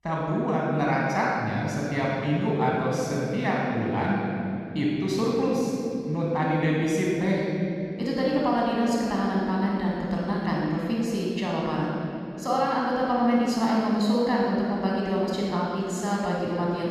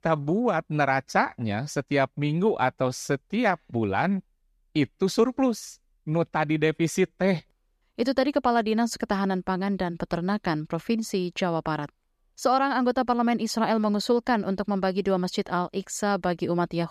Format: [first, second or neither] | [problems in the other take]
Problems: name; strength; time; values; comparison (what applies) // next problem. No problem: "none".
second | off-mic speech; far // room echo; strong; dies away in 3 s